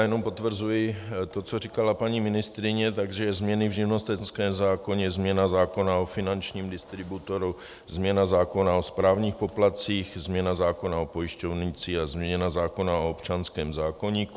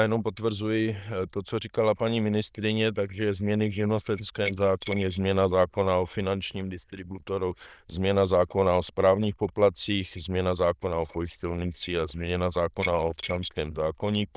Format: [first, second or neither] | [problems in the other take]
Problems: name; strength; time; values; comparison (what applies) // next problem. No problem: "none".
first | noise reduction (neural diffusion model UNIVERSE++)